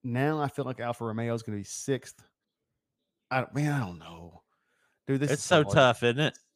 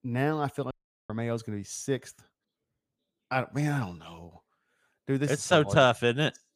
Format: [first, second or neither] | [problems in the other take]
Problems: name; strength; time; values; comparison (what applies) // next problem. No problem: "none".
first | audio cutting out; at 0.5 s